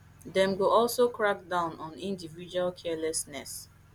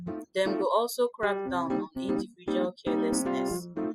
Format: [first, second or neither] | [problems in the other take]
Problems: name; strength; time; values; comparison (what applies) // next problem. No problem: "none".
first | noise reduction (classical method spectral subtraction)